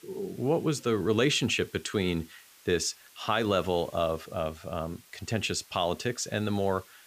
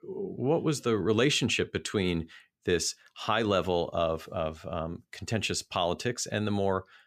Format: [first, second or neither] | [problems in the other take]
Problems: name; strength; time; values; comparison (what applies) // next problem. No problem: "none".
second | hiss; faint; throughout; 25 dB below the speech